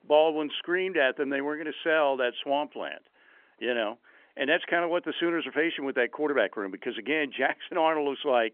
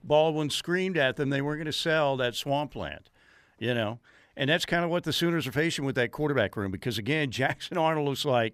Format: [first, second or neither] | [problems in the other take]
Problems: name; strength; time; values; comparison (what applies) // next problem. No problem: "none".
second | phone-call audio; nothing above 3.5 kHz